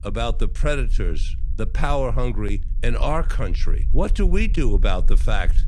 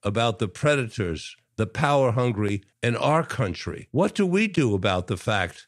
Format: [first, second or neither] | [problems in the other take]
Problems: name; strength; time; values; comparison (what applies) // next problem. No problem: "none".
second | low rumble; faint; throughout; 20 dB below the speech